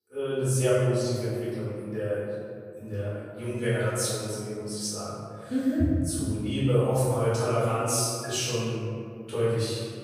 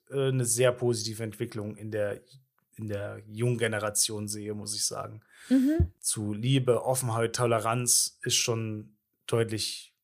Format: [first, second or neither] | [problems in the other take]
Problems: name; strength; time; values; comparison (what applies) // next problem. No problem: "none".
second | off-mic speech; far // room echo; strong; dies away in 2.2 s